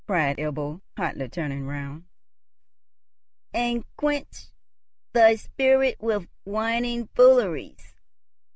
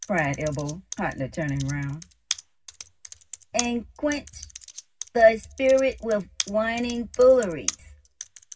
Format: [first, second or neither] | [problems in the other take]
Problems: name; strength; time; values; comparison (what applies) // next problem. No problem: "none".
first | background sound (Computer keyboard); 13 dB below the speech // room echo; dies away in 0.4 s